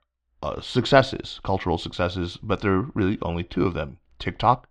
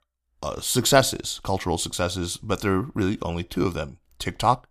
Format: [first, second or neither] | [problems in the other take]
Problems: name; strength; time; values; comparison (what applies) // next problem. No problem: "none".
second | muffled; slightly; fading above 3.5 kHz